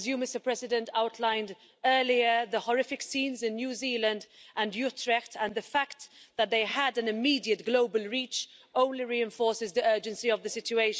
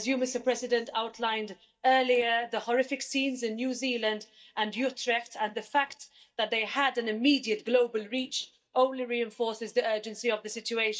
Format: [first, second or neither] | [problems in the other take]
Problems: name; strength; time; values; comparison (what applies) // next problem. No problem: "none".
first | noise reduction (neural mask model DeepFilterNet 3)